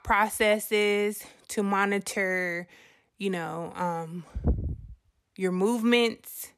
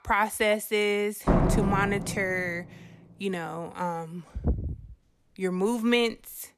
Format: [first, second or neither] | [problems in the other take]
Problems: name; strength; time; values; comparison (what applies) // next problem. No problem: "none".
first | door banging; loud; from 1.5 to 2.5 s; peak 4 dB above the speech